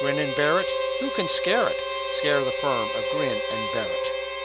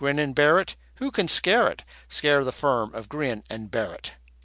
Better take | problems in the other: second | background sound (Harmonica); 1 dB above the speech

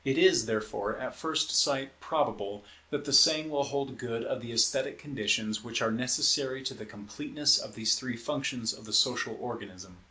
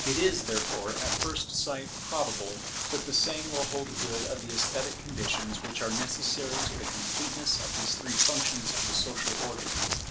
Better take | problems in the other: first | background sound (Walk, footsteps); 1 dB above the speech

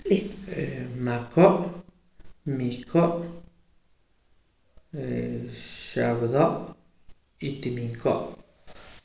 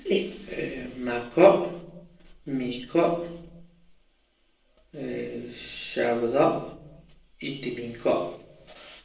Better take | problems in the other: first | room echo; dies away in 0.2 s

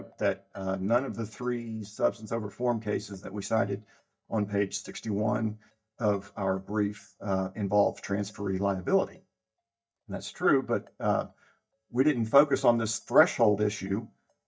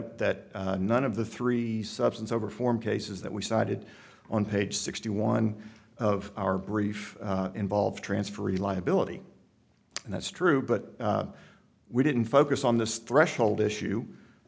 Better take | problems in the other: second | noise reduction (neural mask model DeepFilterNet 3)

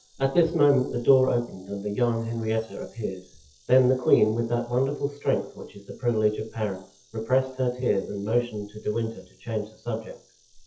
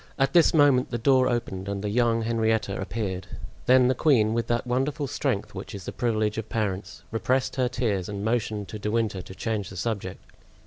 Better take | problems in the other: second | noise reduction (classical method WPE with log-MMSE)

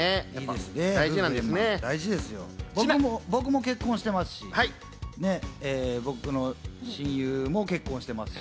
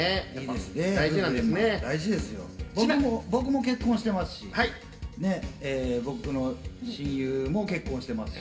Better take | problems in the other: first | room echo; dies away in 1.6 s

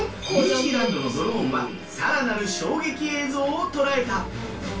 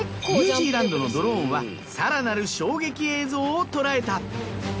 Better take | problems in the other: second | background sound (Harp); 18 dB below the speech // room echo; dies away in 0.3 s

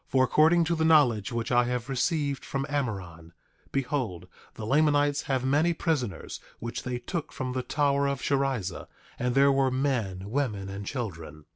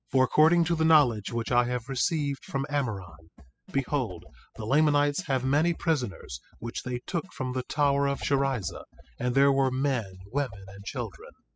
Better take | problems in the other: first | noise reduction (classical method spectral subtraction)

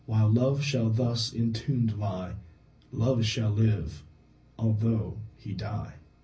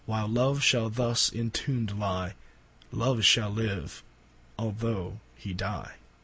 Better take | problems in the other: second | room echo; dies away in 0.4 s

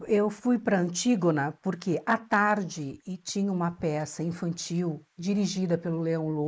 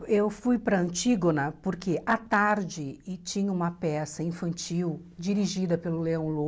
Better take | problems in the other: second | noise reduction (neural mask model Resemble Enhance denoiser)

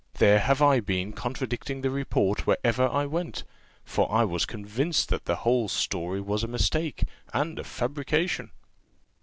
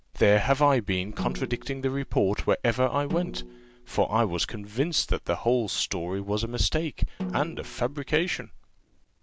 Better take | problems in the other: first | background sound (Snare drum); 13 dB below the speech

